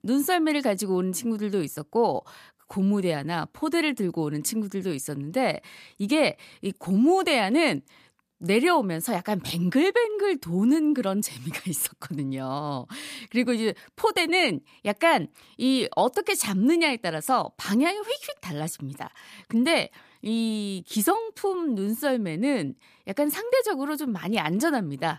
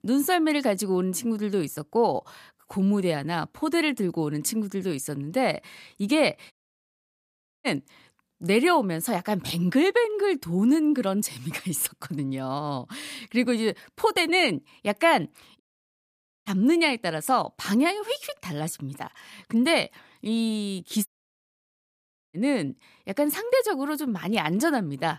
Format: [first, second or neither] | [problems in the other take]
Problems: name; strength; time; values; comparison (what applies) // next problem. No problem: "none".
first | audio cutting out; at 6.5 s for 1 s, at 16 s for 1 s and at 21 s for 1.5 s